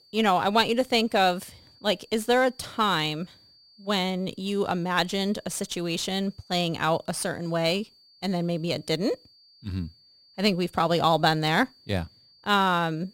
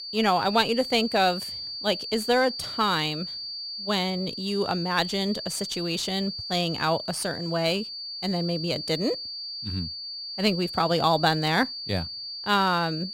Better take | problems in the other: first | high-pitched whine; loud; throughout; 4.5 kHz, 7 dB below the speech; faint in the first

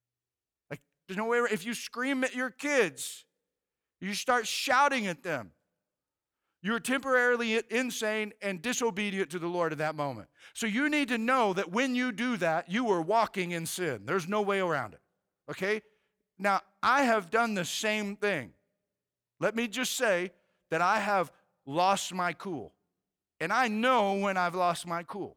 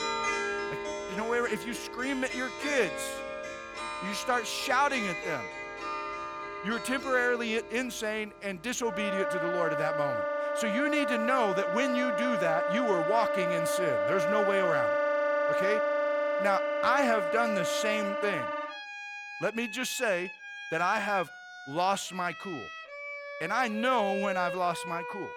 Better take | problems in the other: first | background music; loud; throughout; 1 dB below the speech

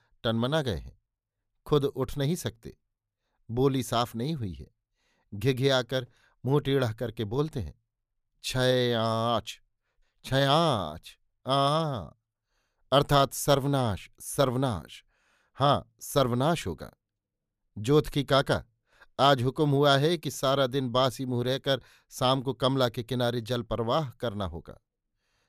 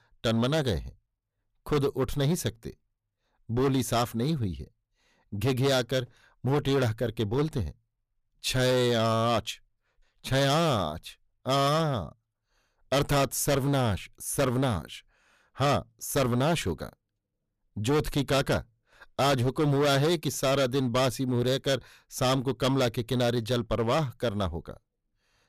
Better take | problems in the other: first | distortion; heavy; 11% of the sound clipped

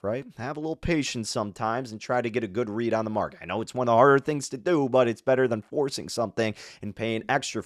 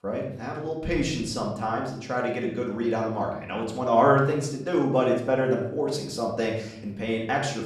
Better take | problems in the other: first | room echo; noticeable; dies away in 0.7 s // off-mic speech; far

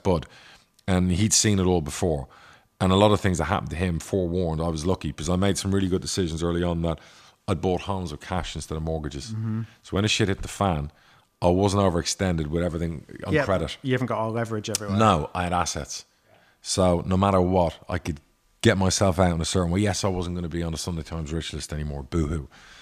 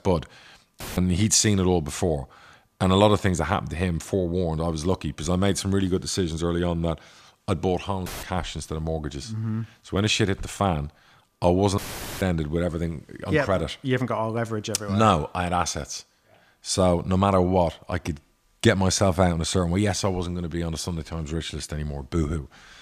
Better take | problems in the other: first | audio cutting out; filled with static; at 1 s, at 8 s and at 12 s

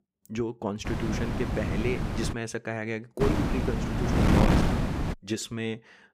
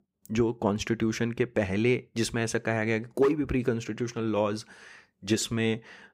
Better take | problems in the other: second | wind noise on the microphone; heavy; from 1 to 2.5 s and from 3 to 5 s; 2 dB above the speech

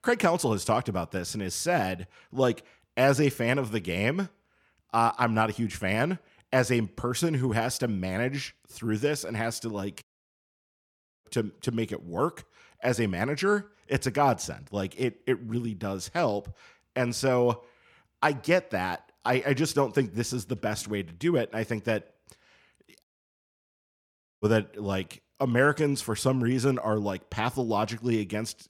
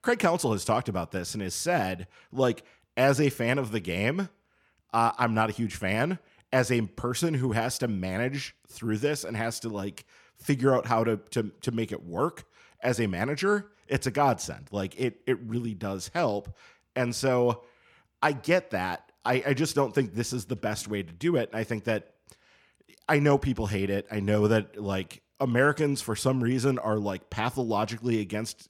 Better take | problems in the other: second | audio cutting out; at 10 s for 1 s and at 23 s for 1.5 s

